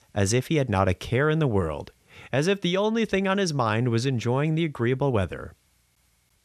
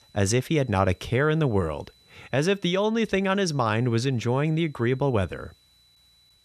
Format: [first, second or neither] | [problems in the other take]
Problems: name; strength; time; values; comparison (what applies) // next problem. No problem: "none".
first | high-pitched whine; faint; throughout; 4 kHz, 35 dB below the speech